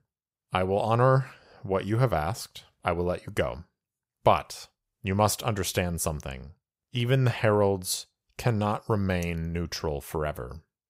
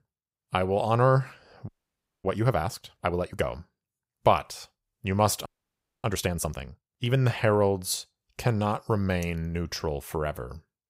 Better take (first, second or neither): first